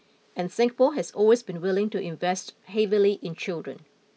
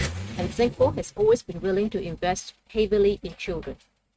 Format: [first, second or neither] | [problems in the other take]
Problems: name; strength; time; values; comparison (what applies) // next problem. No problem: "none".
first | noise reduction (neural mask model RNNoise)